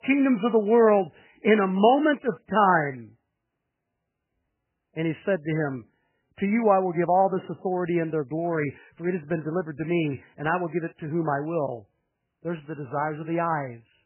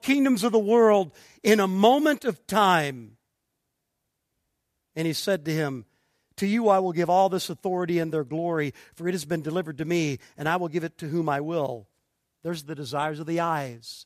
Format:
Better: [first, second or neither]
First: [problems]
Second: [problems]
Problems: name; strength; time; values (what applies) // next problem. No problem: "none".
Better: second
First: garbled, watery; badly; nothing above 3 kHz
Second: none